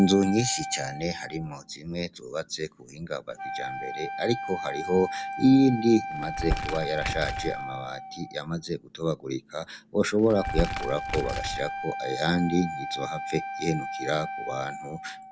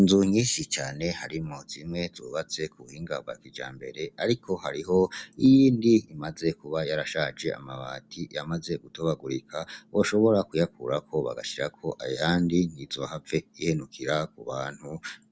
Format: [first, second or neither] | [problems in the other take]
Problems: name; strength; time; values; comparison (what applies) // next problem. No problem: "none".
second | background sound (Wind instrument, woodwind instrument + Crumpling, crinkling); 7 dB below the speech